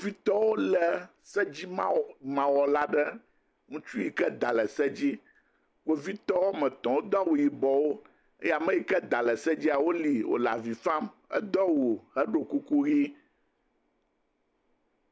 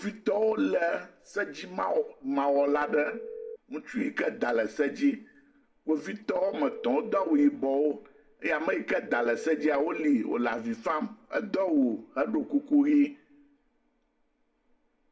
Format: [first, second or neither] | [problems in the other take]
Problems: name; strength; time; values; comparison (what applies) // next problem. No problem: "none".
first | background sound (Telephone); 10 dB below the speech // room echo; dies away in 0.4 s